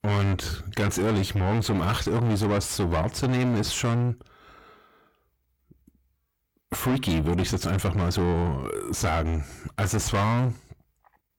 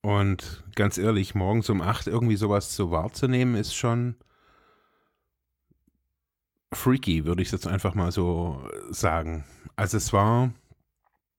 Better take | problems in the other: second | distortion; heavy; 6 dB below the speech

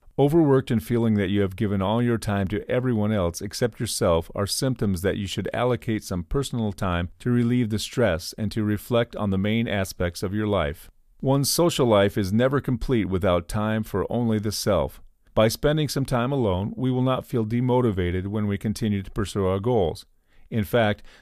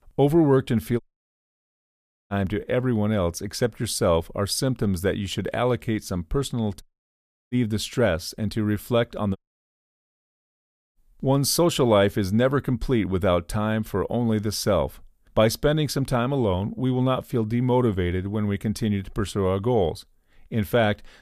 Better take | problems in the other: first | audio cutting out; at 1 s for 1.5 s, at 7 s for 0.5 s and at 9.5 s for 1.5 s

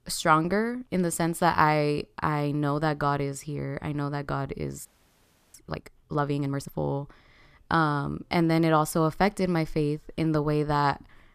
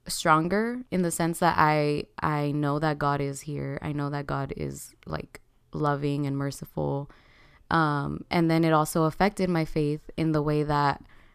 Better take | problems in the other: second | audio freezing; at 5 s for 0.5 s

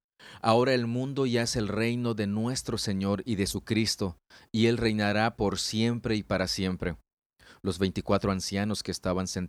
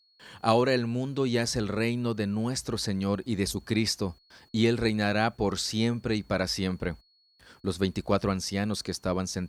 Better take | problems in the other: first | high-pitched whine; faint; throughout; 4.5 kHz, 35 dB below the speech

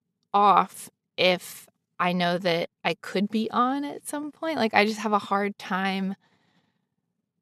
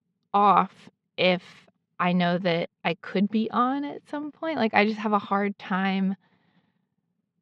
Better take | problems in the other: first | muffled; very slightly; fading above 3.5 kHz

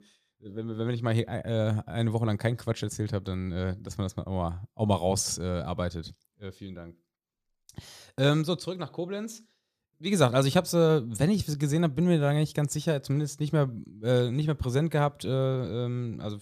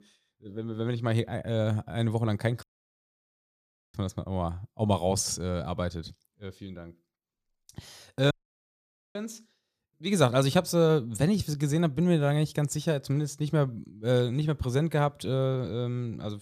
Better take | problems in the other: first | audio cutting out; at 2.5 s for 1.5 s and at 8.5 s for 1 s

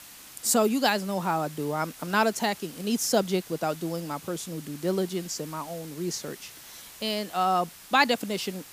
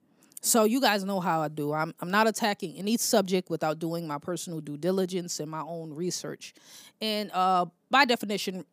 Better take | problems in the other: second | hiss; noticeable; throughout; 15 dB below the speech

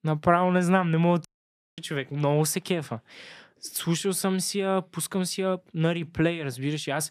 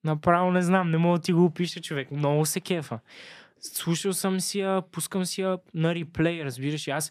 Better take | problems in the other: second | audio cutting out; at 1.5 s for 0.5 s

